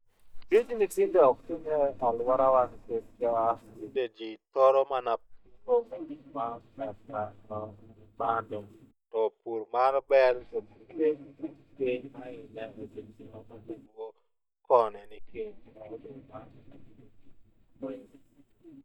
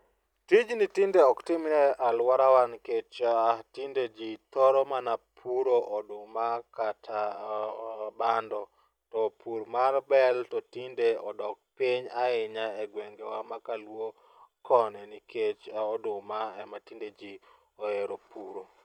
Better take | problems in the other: second | noise reduction (neural mask model DeepFilterNet 3)

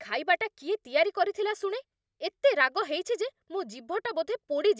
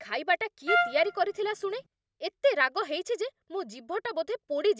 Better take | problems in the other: first | background sound (Trumpet); 1 dB below the speech

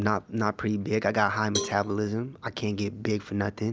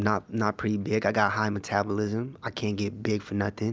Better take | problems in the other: second | background sound (Cowbell); 11 dB below the speech

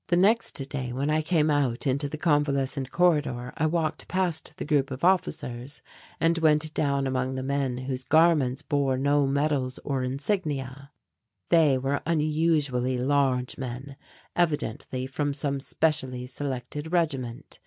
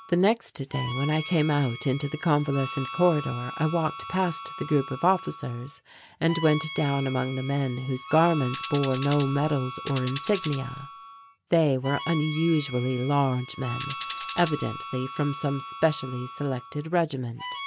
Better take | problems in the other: first | background sound (Harmonica + Tambourine); 12 dB below the speech

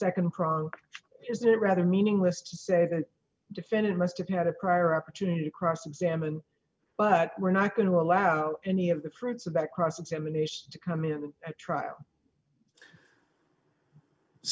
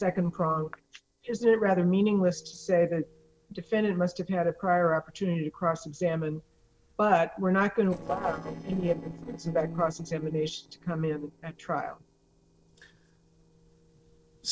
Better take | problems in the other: first | noise reduction (neural separator model SepFormer DNS4)

